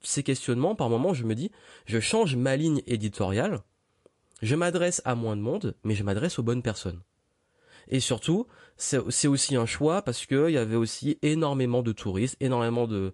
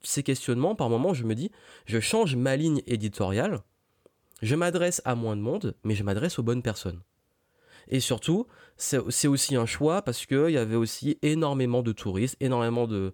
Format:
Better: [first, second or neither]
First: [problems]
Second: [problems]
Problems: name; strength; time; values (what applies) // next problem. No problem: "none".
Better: second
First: garbled, watery; slightly; nothing above 9 kHz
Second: none